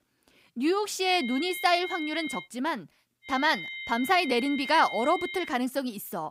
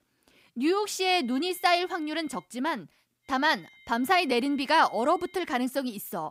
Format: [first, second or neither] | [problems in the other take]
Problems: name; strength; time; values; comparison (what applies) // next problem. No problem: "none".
second | high-pitched whine; loud; from 1 to 2.5 s and from 3.5 to 5.5 s; 2 kHz, 8 dB below the speech; faint in the second